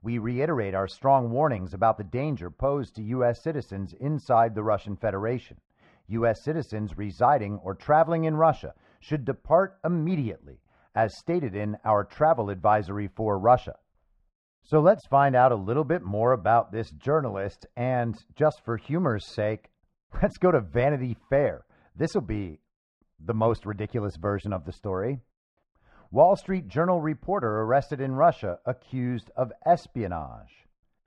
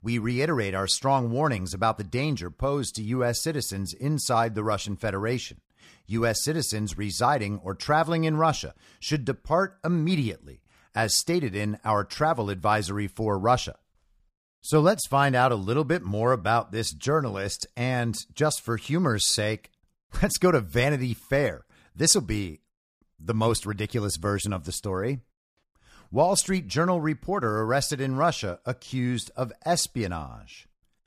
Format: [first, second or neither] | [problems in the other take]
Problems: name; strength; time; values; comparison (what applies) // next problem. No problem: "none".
second | muffled; very; fading above 1.5 kHz